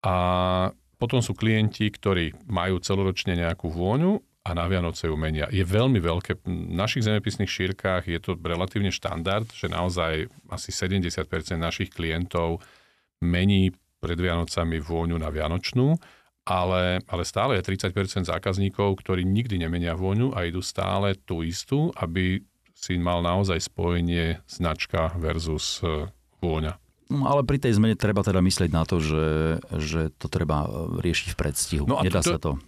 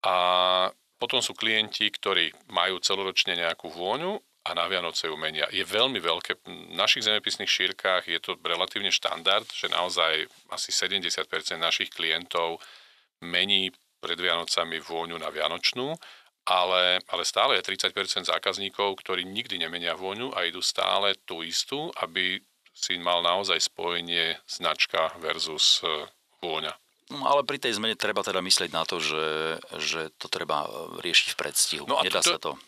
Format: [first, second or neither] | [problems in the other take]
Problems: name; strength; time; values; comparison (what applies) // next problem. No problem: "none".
first | thin; very; fading below 600 Hz